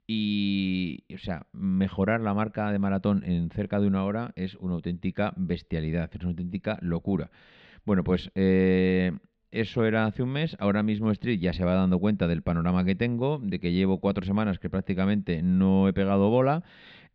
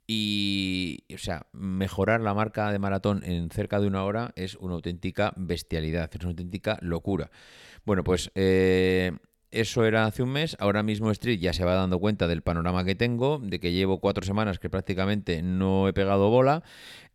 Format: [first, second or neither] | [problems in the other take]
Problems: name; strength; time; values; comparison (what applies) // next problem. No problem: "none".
second | muffled; slightly; fading above 3.5 kHz